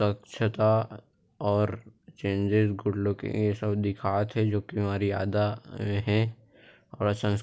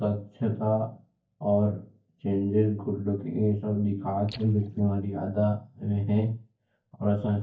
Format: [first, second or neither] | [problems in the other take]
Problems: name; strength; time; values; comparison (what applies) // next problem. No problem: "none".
first | noise reduction (neural mask model DeepFilterNet 3)